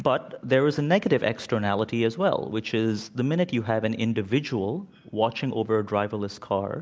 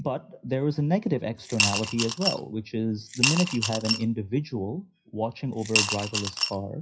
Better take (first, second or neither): first